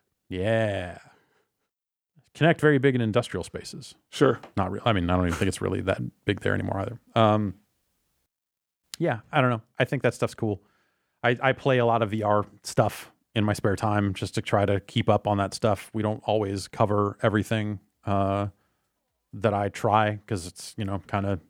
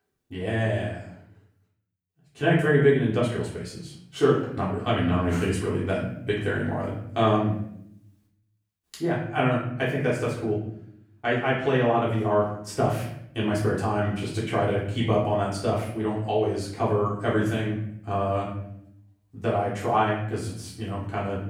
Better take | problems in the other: first | room echo; noticeable; dies away in 0.6 s // off-mic speech; far

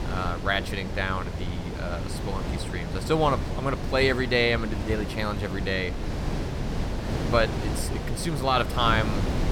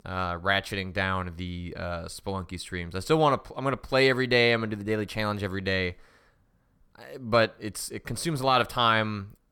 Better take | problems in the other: second | wind noise on the microphone; heavy; 9 dB below the speech

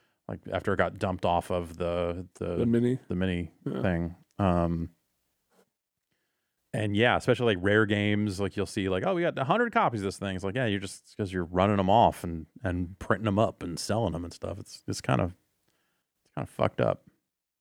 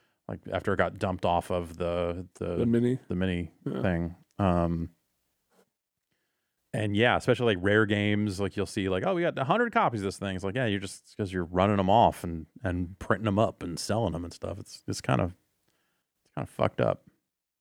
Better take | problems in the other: neither | none

